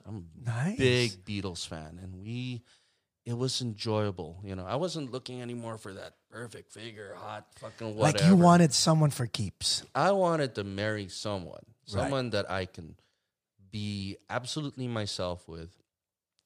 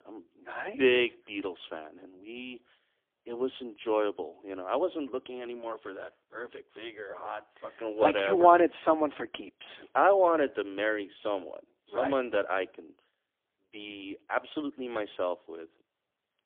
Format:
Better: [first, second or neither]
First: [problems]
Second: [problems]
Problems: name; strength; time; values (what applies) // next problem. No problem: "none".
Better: first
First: none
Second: phone-call audio; poor line; nothing above 3.5 kHz